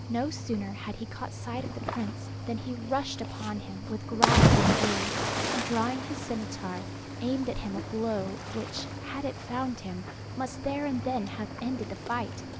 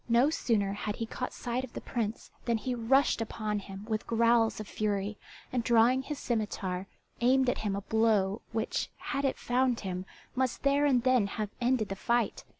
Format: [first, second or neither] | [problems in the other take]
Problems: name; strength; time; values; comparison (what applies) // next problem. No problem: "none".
second | background sound (Cricket / Waves, surf); 2 dB above the speech